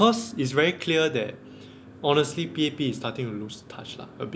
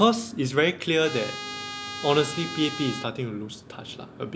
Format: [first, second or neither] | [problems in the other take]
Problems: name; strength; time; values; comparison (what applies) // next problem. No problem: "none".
first | background sound (Trumpet); 10 dB below the speech